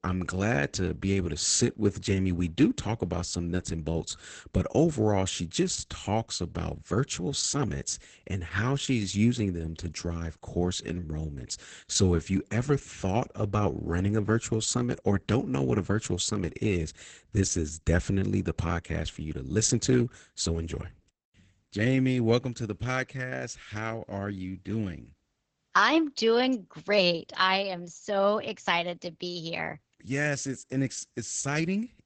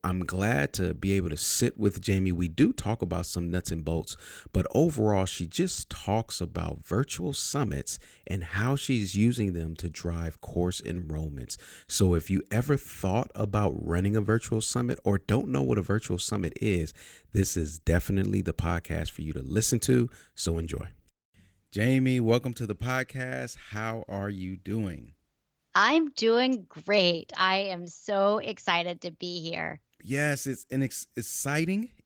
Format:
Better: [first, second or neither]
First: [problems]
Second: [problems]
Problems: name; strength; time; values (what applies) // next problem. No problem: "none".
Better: second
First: garbled, watery; badly; nothing above 8 kHz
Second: garbled, watery; slightly; nothing above 19 kHz